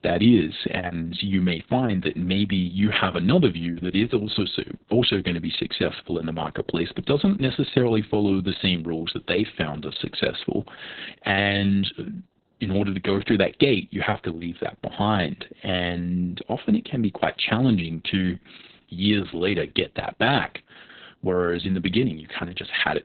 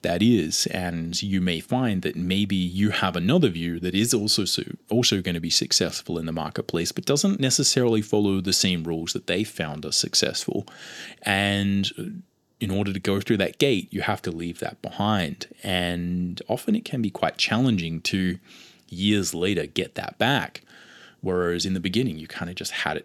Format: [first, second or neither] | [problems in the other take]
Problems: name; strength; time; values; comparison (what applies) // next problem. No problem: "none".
second | garbled, watery; badly; nothing above 4 kHz